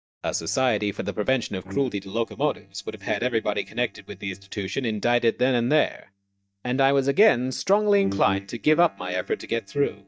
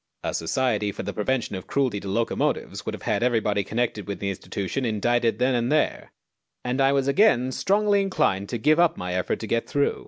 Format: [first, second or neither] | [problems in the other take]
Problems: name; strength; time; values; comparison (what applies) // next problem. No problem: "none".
second | noise reduction (neural mask model DeepFilterNet 3)